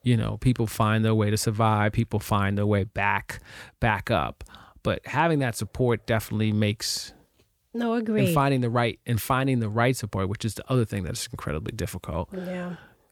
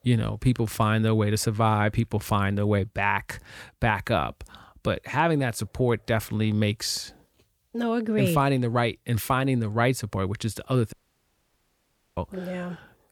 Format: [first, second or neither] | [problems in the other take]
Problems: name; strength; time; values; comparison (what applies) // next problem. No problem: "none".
first | audio cutting out; at 11 s for 1 s